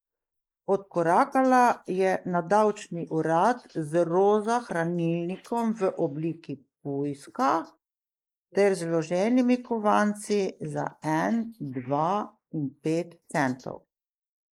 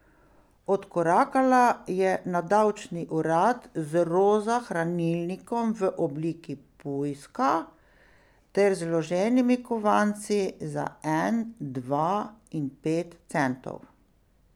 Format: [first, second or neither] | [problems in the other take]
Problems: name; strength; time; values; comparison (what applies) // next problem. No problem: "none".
second | noise reduction (neural mask model Resemble Enhance denoiser)